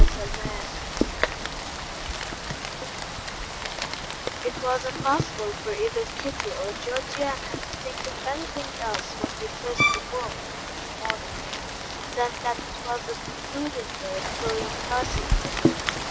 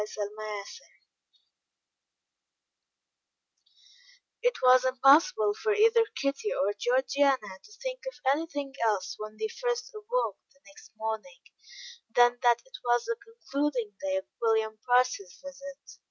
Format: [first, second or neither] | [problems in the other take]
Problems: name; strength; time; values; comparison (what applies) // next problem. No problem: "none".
second | background sound (Bowed string instrument + Rain); 4 dB above the speech